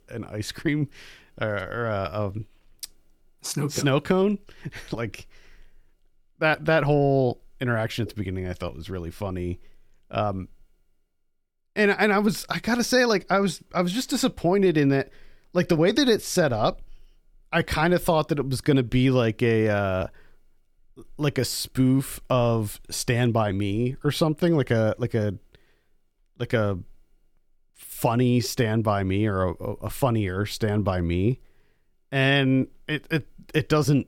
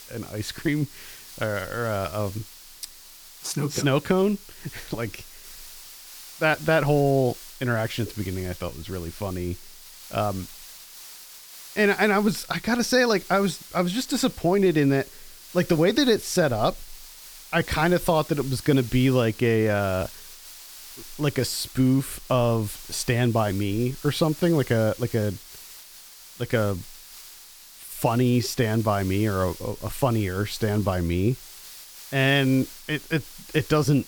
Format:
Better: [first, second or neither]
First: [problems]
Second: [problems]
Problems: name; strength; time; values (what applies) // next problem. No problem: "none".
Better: first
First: none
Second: hiss; noticeable; throughout; 15 dB below the speech